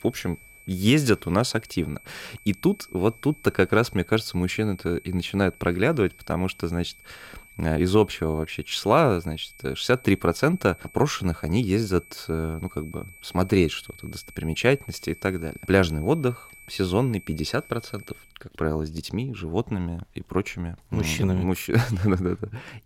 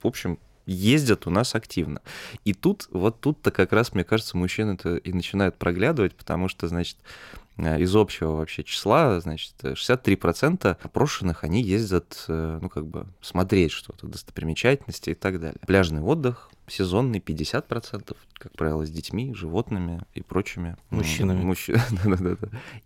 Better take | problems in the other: second | high-pitched whine; faint; until 18 s; 2.5 kHz, 20 dB below the speech

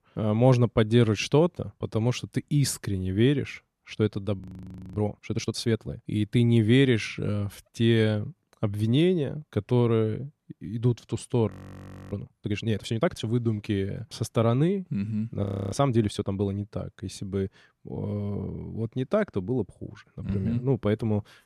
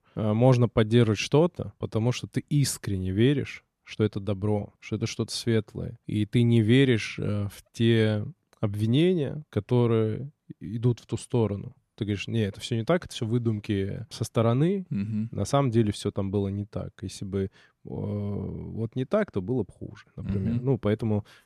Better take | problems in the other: second | audio freezing; at 4.5 s for 0.5 s, at 12 s for 0.5 s and at 15 s

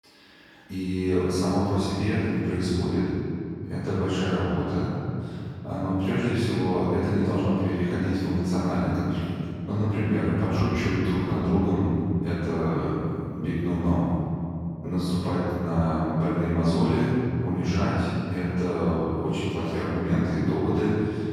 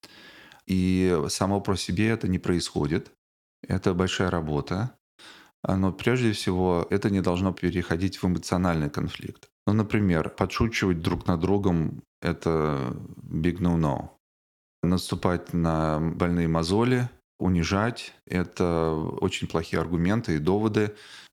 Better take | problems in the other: second | off-mic speech; far // room echo; strong; dies away in 3 s

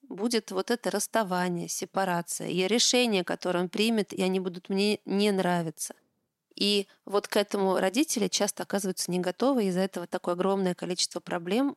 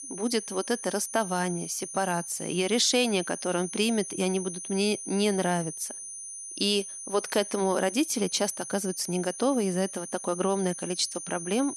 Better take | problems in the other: first | high-pitched whine; loud; throughout; 9.5 kHz, 8 dB below the speech

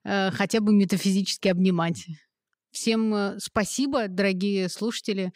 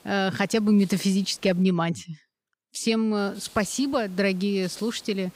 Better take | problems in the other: first | hiss; faint; until 1.5 s and from 3 s on; 25 dB below the speech

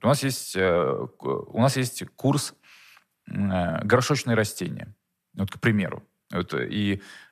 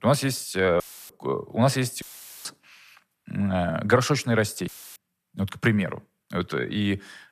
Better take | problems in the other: first | audio cutting out; filled with static; at 1 s, at 2 s and at 4.5 s

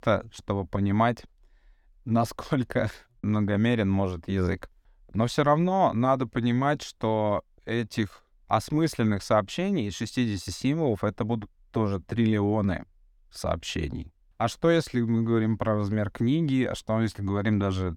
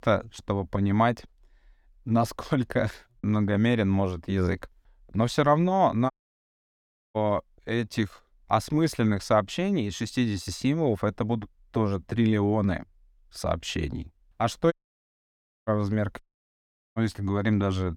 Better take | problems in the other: first | audio cutting out; at 6 s for 1 s, at 15 s for 1 s and at 16 s for 1 s

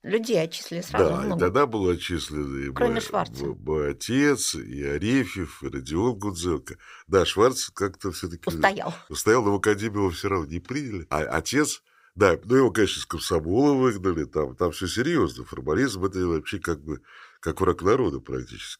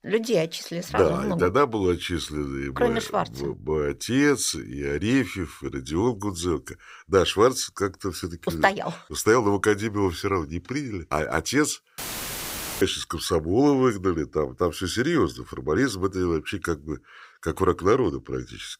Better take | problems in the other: first | audio cutting out; filled with static; at 12 s for 1 s

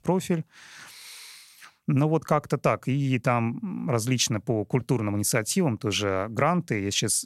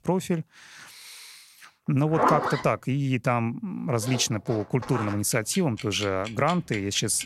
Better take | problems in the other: first | household noises; loud; from 2 s on; 6 dB below the speech

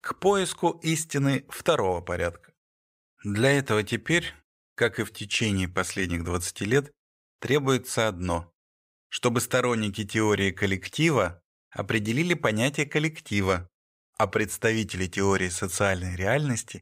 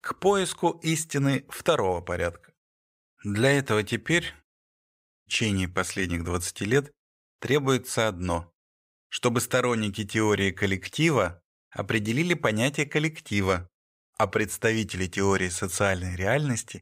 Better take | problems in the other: first | audio cutting out; at 4.5 s for 0.5 s

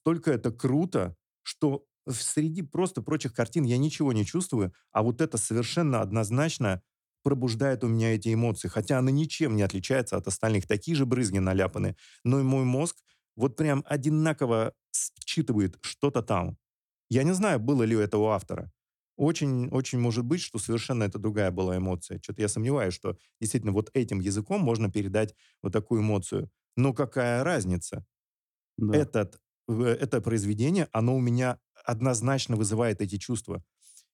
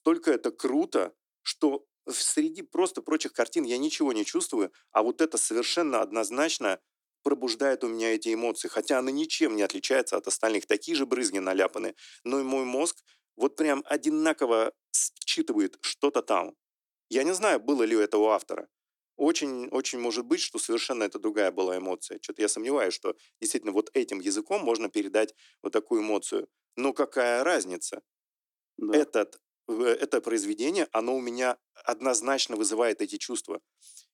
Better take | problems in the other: first | thin; somewhat; fading below 300 Hz

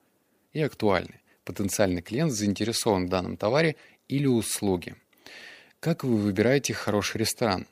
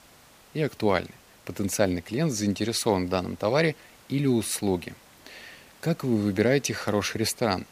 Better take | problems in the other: first | hiss; faint; throughout; 25 dB below the speech

